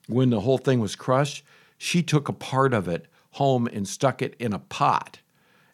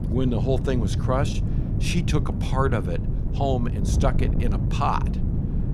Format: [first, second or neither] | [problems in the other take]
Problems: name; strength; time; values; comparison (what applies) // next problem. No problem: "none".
first | wind noise on the microphone; heavy; 9 dB below the speech